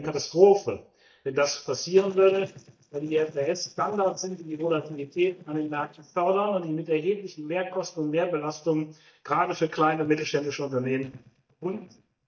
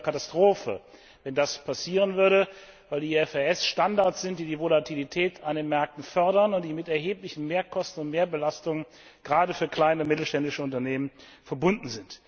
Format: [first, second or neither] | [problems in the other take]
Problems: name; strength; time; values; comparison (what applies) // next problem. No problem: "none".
second | noise reduction (neural mask model DeepFilterNet 3)